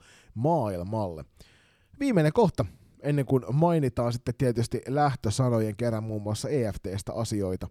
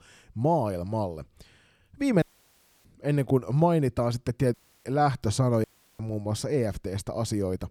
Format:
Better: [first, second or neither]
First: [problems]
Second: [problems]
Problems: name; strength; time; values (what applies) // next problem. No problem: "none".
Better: first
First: none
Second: audio cutting out; at 2 s for 0.5 s, at 4.5 s and at 5.5 s